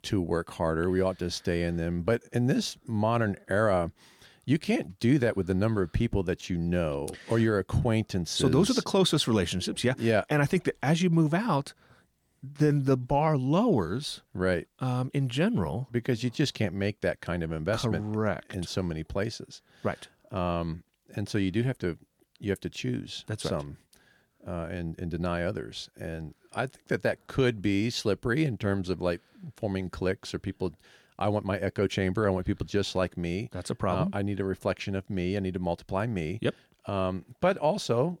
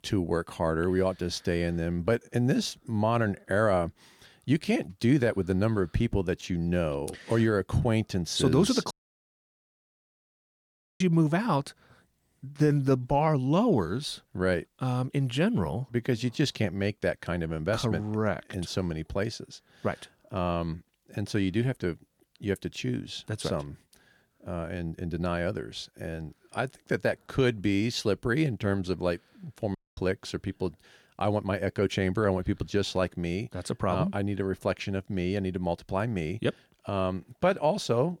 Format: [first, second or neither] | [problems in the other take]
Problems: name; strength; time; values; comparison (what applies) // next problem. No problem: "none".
first | audio cutting out; at 9 s for 2 s and at 30 s